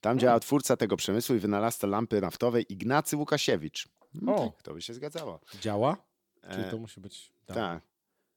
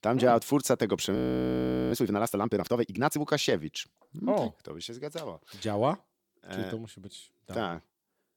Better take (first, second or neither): first